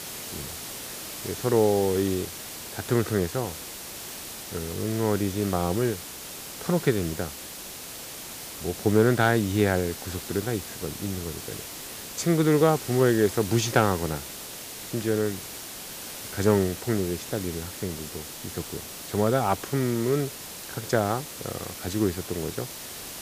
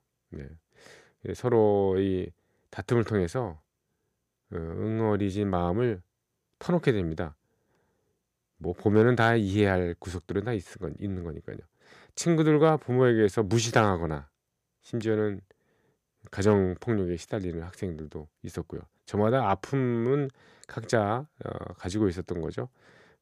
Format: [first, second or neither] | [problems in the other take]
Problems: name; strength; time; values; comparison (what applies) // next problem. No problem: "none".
second | hiss; loud; throughout; 10 dB below the speech